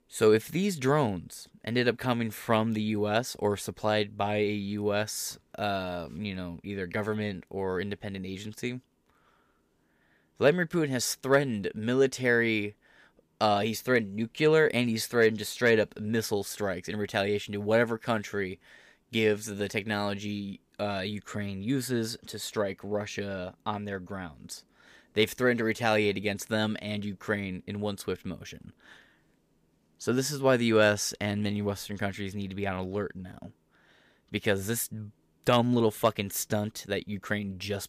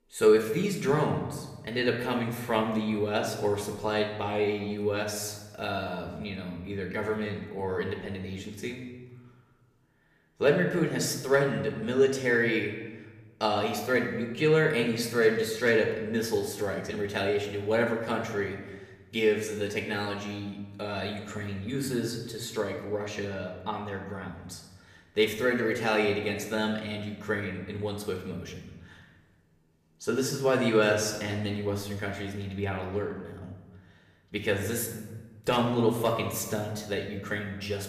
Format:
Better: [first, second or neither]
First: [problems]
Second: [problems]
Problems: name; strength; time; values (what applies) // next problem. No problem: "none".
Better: first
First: none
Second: room echo; slight; dies away in 1 s // off-mic speech; somewhat distant